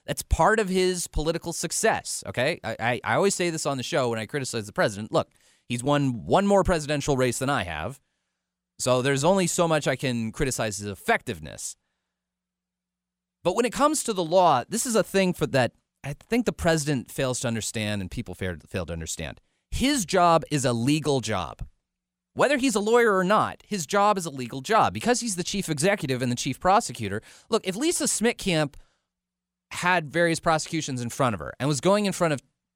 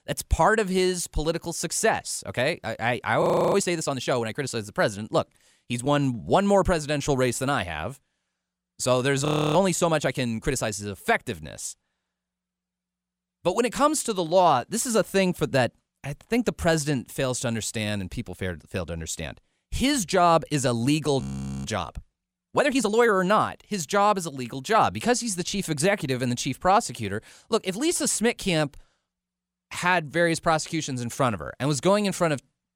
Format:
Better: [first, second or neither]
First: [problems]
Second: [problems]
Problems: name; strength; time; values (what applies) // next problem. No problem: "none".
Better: first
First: none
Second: audio freezing; at 3 s, at 9.5 s and at 21 s